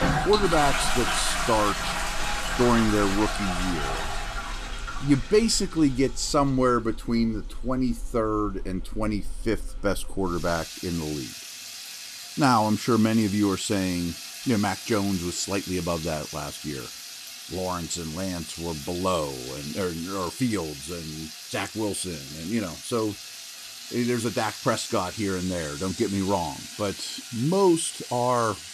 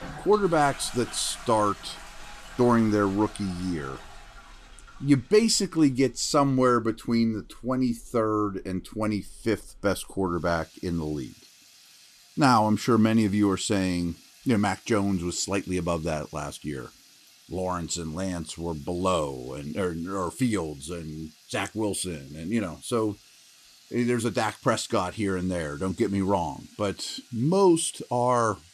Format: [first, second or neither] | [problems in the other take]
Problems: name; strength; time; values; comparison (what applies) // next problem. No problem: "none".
second | household noises; loud; throughout; 7 dB below the speech; faint in the second